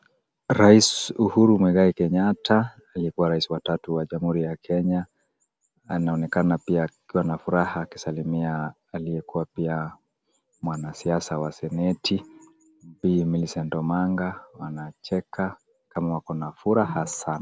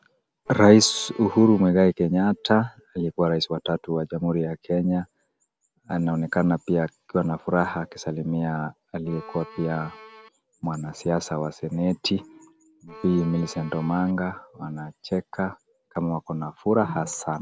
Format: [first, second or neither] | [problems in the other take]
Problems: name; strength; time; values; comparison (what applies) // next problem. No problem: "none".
first | background sound (Bowed string instrument); 19 dB below the speech